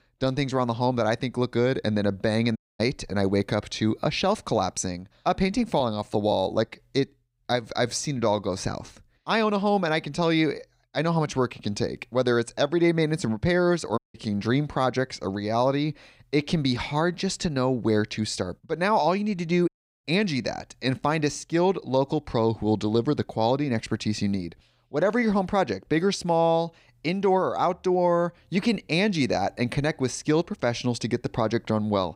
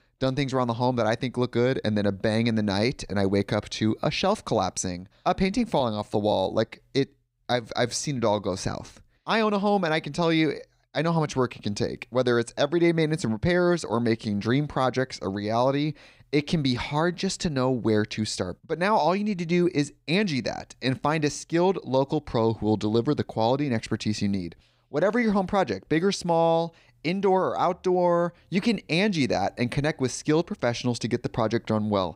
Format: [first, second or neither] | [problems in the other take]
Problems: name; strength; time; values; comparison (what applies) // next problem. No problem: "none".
second | audio cutting out; at 2.5 s, at 14 s and at 20 s